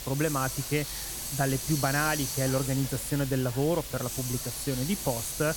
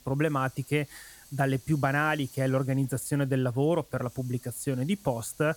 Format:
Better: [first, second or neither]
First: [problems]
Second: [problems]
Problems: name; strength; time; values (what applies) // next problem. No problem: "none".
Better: second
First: hiss; loud; throughout; 4 dB below the speech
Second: hiss; faint; throughout; 25 dB below the speech